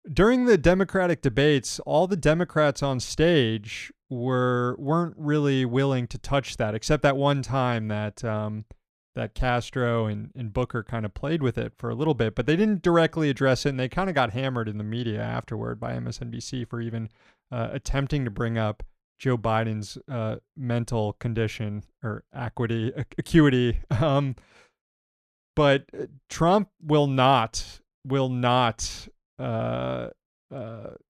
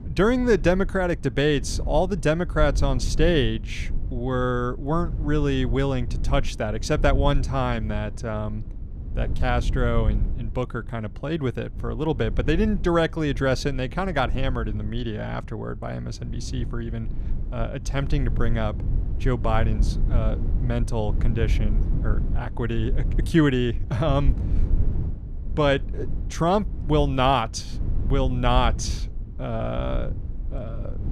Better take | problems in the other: first | low rumble; noticeable; throughout; 20 dB below the speech

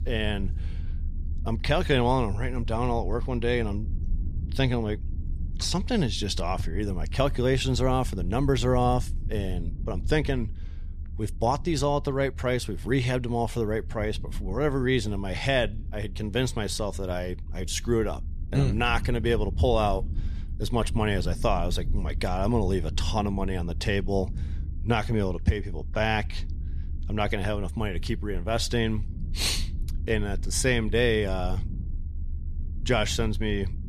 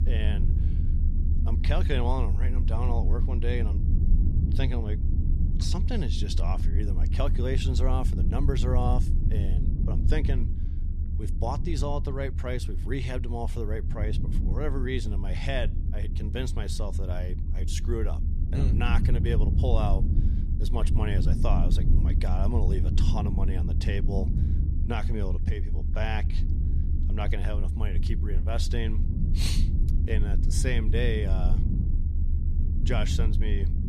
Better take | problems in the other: first | low rumble; loud; throughout; 7 dB below the speech; faint in the first

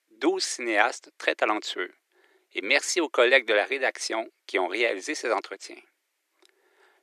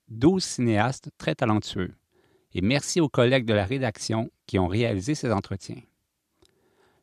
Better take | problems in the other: second | thin; very; fading below 350 Hz

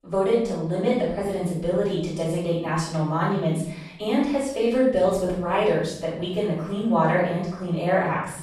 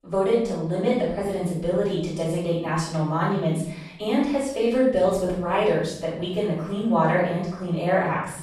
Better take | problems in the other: neither | off-mic speech; far; the same in both // room echo; noticeable; dies away in 0.8 s; the same in both

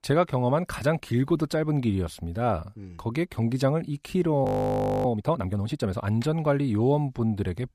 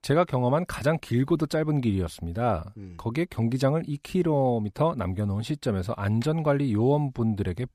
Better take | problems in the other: second | audio freezing; at 4.5 s for 0.5 s

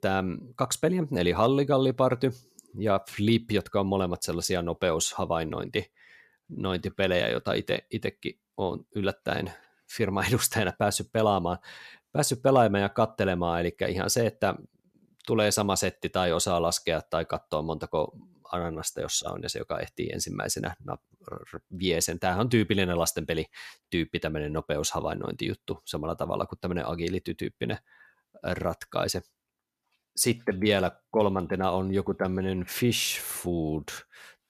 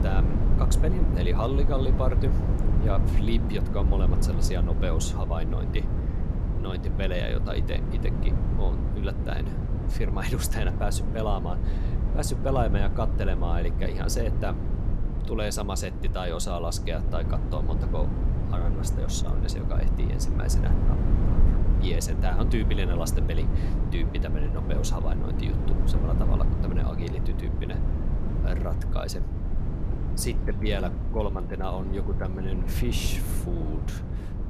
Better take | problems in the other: first | wind noise on the microphone; heavy; 5 dB below the speech

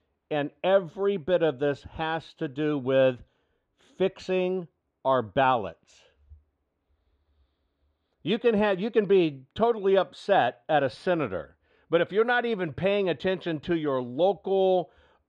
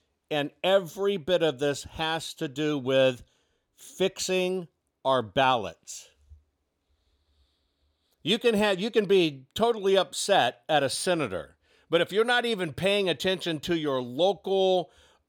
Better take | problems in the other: second | muffled; very; fading above 2 kHz

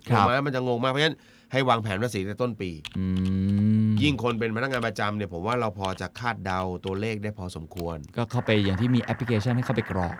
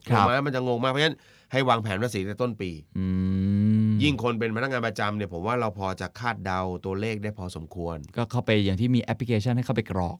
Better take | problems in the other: second | household noises; noticeable; throughout; 15 dB below the speech

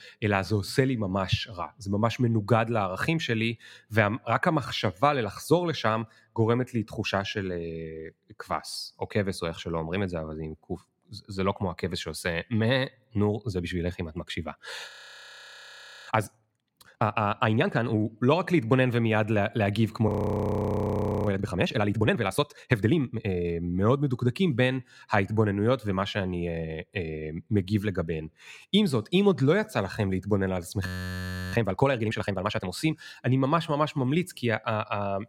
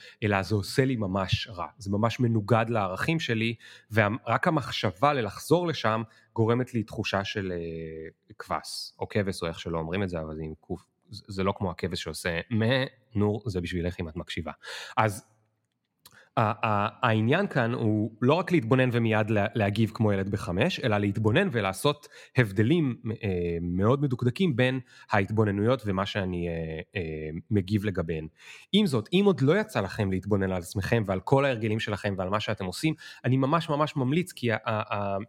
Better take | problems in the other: second | audio freezing; at 15 s for 1 s, at 20 s for 1 s and at 31 s for 0.5 s

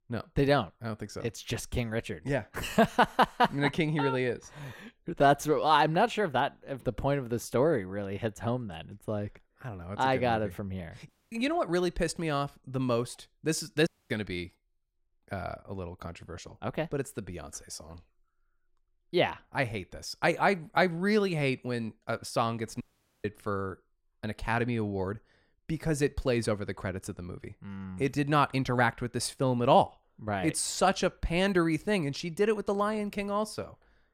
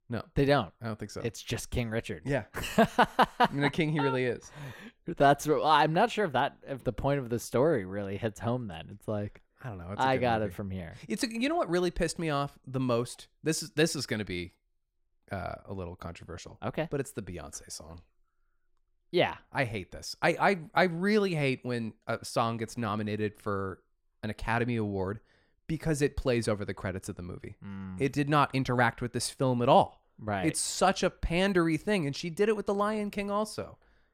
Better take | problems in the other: second | audio cutting out; at 11 s, at 14 s and at 23 s

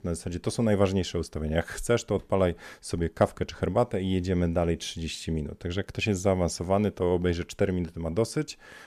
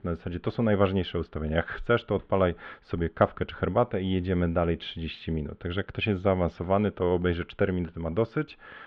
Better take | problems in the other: first | muffled; very; fading above 3.5 kHz

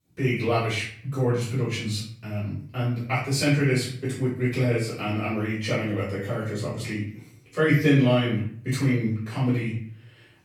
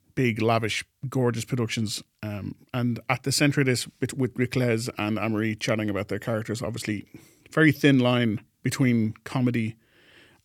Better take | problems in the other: second | off-mic speech; far // room echo; noticeable; dies away in 0.5 s

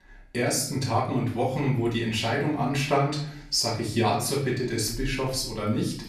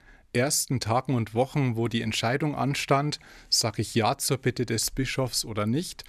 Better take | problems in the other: second | off-mic speech; far // room echo; noticeable; dies away in 0.5 s

